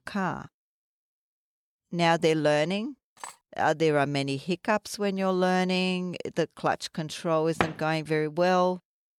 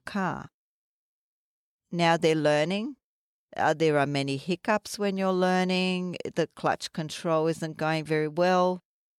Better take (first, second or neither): second